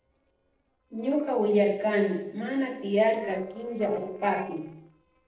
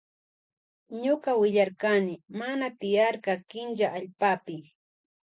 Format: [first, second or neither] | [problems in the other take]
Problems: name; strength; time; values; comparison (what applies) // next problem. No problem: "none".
second | noise reduction (neural separator model SepFormer DNS4)